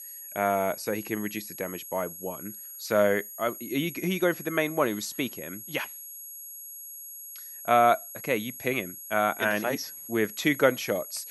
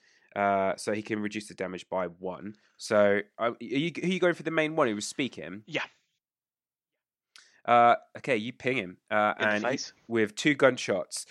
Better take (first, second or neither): second